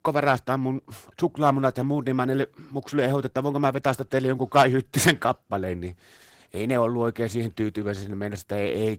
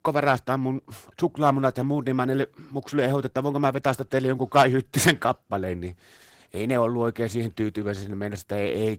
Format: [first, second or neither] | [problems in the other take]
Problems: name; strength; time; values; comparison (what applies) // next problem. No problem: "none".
neither | garbled, watery; slightly; nothing above 16 kHz; the same in both